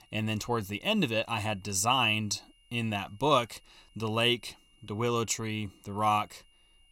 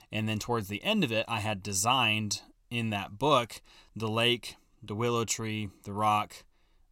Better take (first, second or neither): second